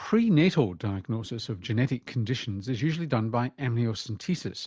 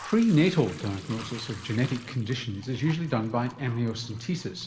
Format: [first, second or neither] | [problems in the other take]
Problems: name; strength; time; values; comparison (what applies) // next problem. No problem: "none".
first | background sound (Sink (filling or washing) / Liquid); 19 dB below the speech // room echo; dies away in 1.7 s